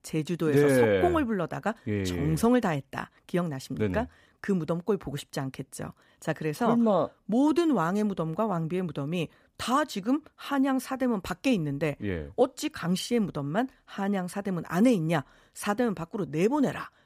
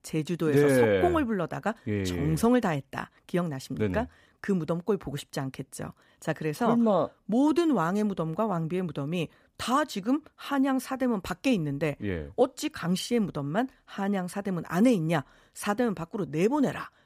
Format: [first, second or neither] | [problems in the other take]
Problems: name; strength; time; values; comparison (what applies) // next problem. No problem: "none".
neither | none